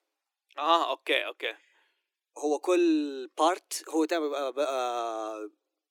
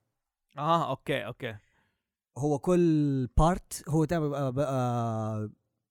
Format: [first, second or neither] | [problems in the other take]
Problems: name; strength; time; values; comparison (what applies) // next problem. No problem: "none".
second | thin; very; fading below 300 Hz